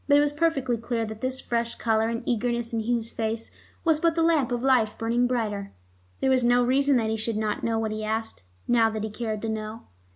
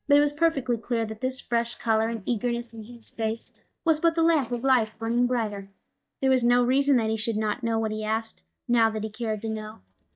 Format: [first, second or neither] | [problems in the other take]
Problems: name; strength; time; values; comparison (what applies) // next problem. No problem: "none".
first | noise reduction (neural mask model DeepFilterNet 3)